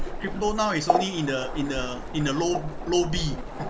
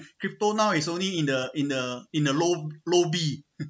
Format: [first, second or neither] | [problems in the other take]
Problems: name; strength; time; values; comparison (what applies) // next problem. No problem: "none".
second | background sound (Waves, surf); 2 dB below the speech